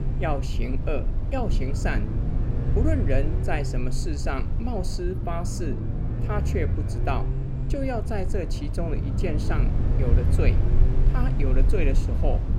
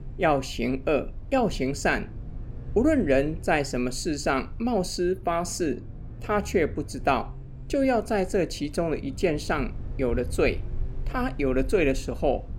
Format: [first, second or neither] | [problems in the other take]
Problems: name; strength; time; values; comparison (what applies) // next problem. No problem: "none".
second | low rumble; loud; throughout; 6 dB below the speech; faint in the second